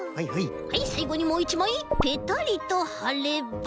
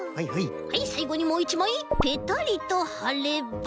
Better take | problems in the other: second | background sound (Thunder); 17 dB below the speech

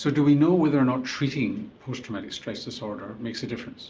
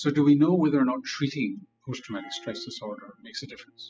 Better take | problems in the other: first | noise reduction (classical method spectral subtraction)

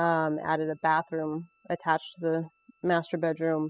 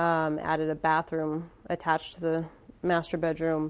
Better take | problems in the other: second | noise reduction (classical method spectral subtraction)

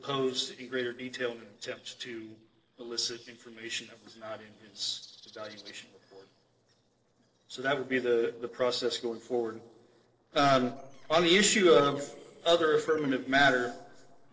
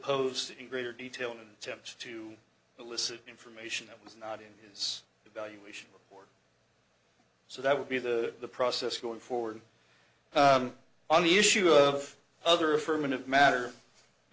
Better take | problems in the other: second | noise reduction (neural separator model SepFormer DNS4)

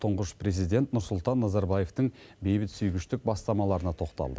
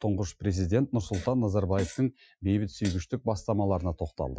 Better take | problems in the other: first | noise reduction (classical method Wiener filter)

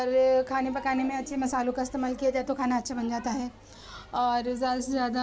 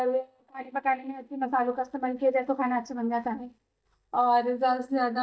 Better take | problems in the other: first | noise reduction (neural mask model DeepFilterNet 3)

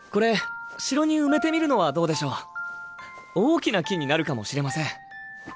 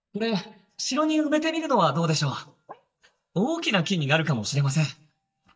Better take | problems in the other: first | noise reduction (neural mask model DeepFilterNet 3)

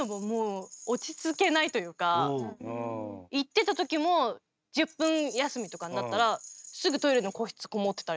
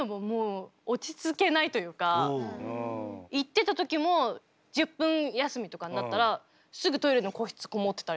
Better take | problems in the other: second | noise reduction (neural mask model RNNoise)

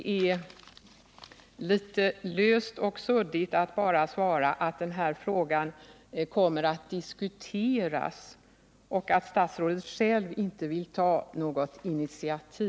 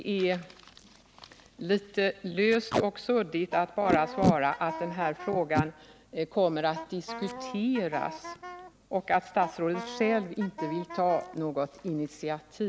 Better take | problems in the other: first | background sound (Packing tape, duct tape + Wind instrument, woodwind instrument); 7 dB below the speech

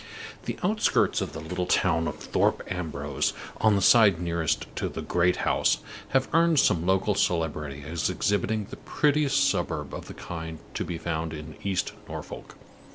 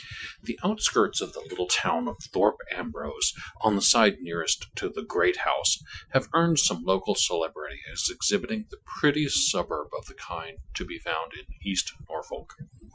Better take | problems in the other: first | noise reduction (classical method Wiener filter)

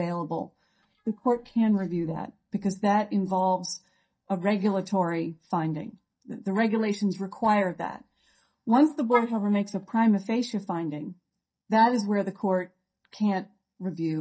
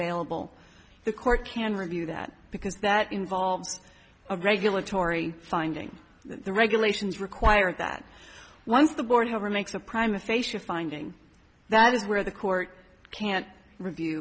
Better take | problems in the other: second | noise reduction (neural mask model DeepFilterNet 3)

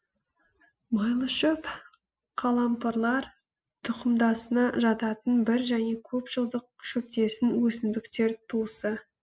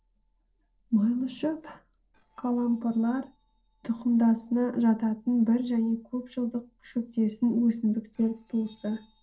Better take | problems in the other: first | noise reduction (neural separator model SepFormer DNS4)

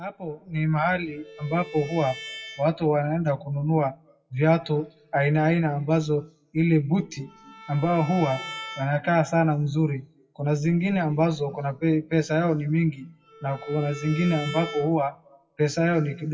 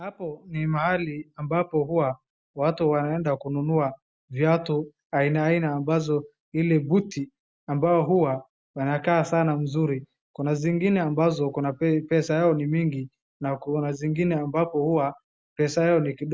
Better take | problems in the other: second | noise reduction (classical method WPE with log-MMSE)

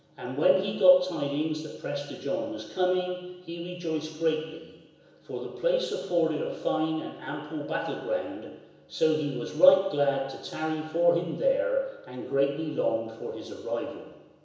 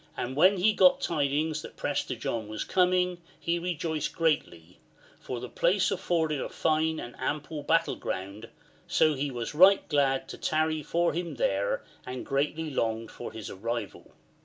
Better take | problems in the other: second | room echo; dies away in 1 s

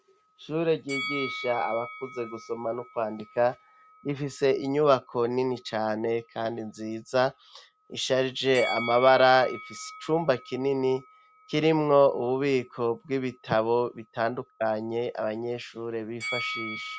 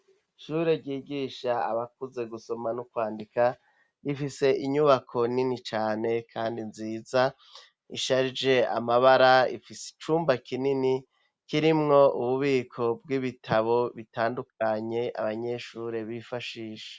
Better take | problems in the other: second | background sound (Bell); 14 dB below the speech

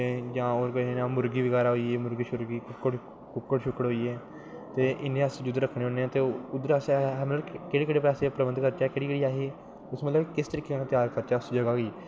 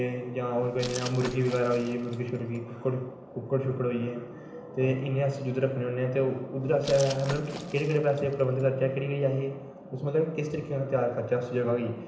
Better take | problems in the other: first | background sound (Glass); 15 dB below the speech // room echo; dies away in 0.8 s

